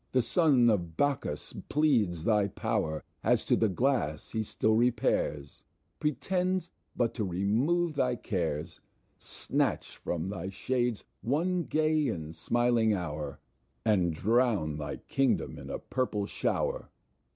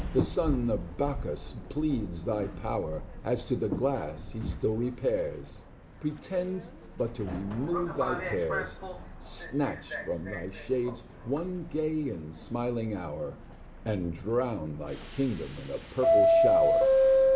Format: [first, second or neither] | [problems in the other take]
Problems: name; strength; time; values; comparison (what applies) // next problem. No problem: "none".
first | background sound (Subway, metro, underground); 1 dB above the speech // room echo; dies away in 2.2 s